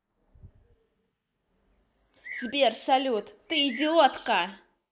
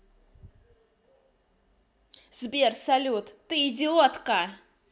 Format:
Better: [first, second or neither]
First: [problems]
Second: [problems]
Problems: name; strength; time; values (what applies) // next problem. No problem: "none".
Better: second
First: noise reduction (neural mask model Resemble Enhance denoiser)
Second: none